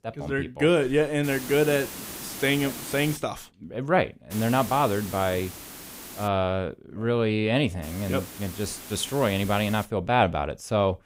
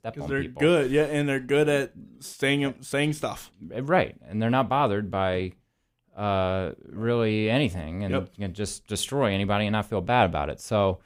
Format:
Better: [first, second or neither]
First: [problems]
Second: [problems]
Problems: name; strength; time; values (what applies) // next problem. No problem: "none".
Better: second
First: hiss; noticeable; from 1 to 3 s, from 4.5 to 6.5 s and from 8 to 10 s; 10 dB below the speech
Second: none